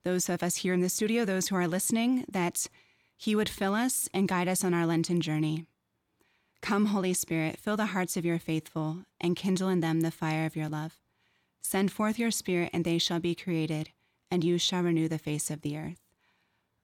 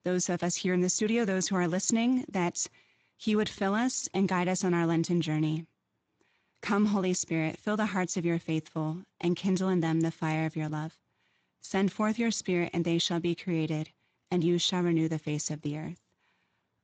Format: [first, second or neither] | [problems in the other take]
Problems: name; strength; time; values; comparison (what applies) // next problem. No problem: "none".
first | garbled, watery; slightly; nothing above 7.5 kHz